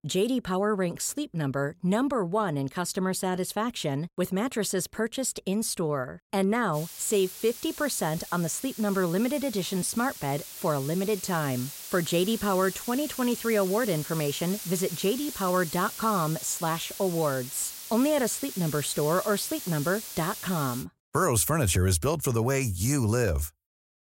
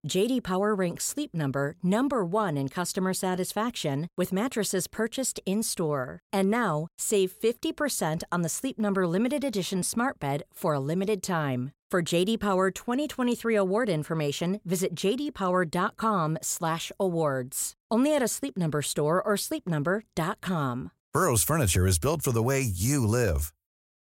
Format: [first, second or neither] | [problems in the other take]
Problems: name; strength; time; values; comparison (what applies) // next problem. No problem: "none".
second | hiss; loud; from 7 to 21 s; 10 dB below the speech